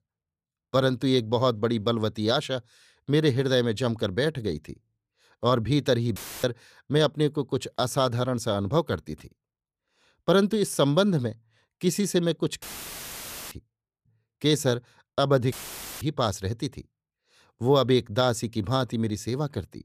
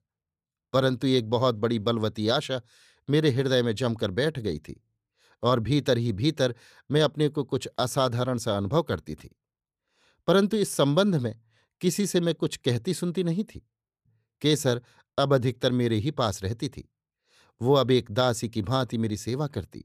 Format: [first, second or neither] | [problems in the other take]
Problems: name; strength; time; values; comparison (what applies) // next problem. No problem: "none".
second | audio cutting out; filled with static; at 6 s, at 13 s for 1 s and at 16 s